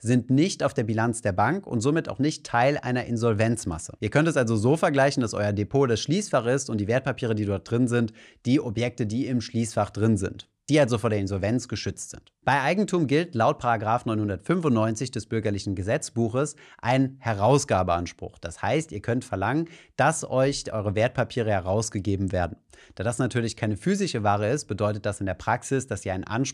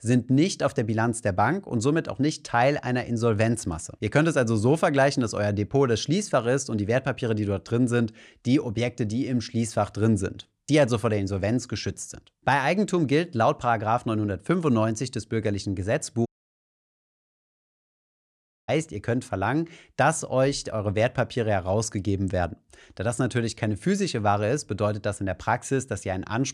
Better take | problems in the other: first | audio cutting out; at 16 s for 2.5 s

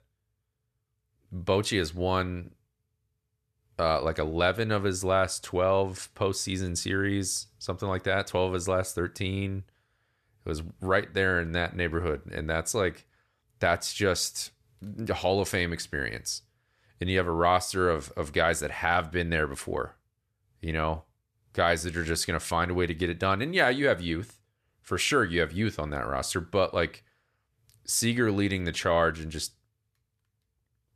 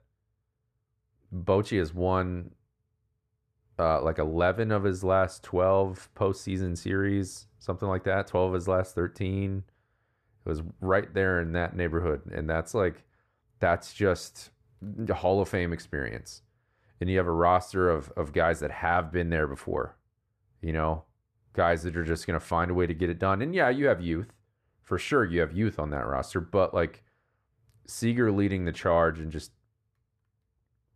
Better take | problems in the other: first | muffled; slightly; fading above 2 kHz

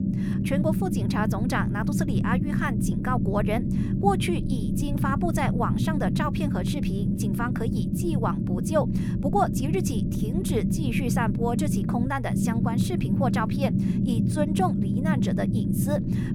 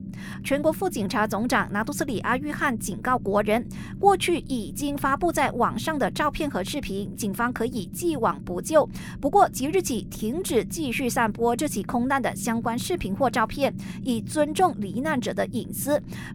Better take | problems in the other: second | low rumble; loud; throughout; 4 dB below the speech; faint in the second

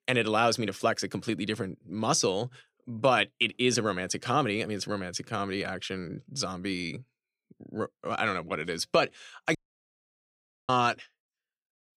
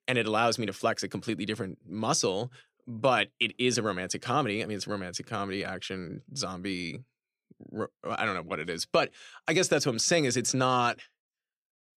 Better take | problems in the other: second | audio cutting out; at 9.5 s for 1 s

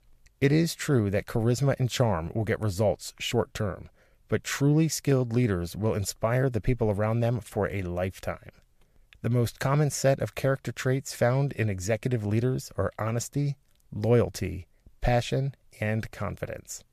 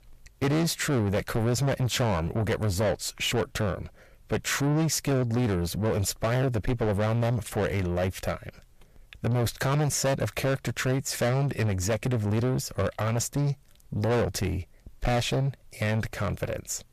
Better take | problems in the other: first | distortion; heavy; 7 dB below the speech

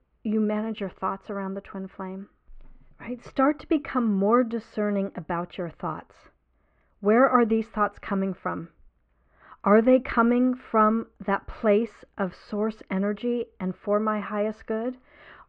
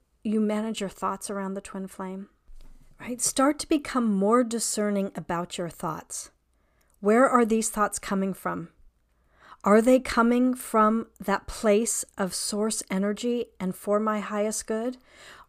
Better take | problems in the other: second | muffled; very; fading above 2.5 kHz

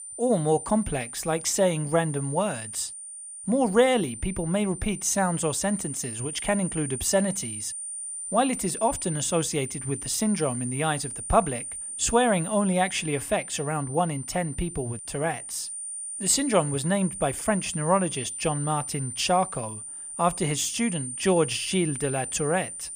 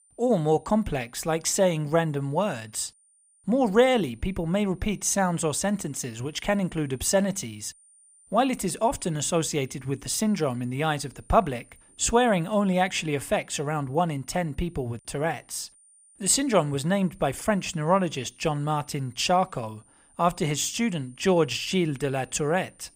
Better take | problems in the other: second | high-pitched whine; loud; throughout; 9 kHz, 7 dB below the speech; faint in the second

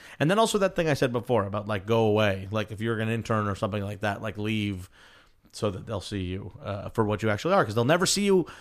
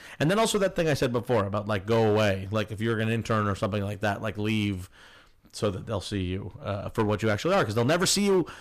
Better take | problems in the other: first | distortion; slight; 6% of the sound clipped

